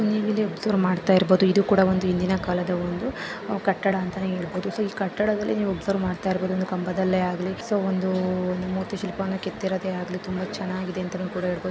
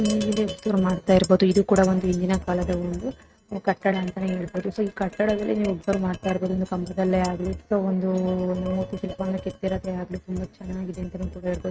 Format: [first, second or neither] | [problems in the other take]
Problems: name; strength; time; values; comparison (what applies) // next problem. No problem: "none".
first | noise reduction (neural mask model RNNoise)